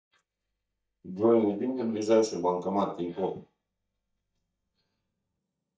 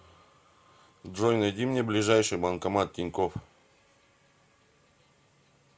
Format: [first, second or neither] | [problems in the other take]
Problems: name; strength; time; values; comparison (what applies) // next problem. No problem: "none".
second | noise reduction (neural mask model DeepFilterNet 3)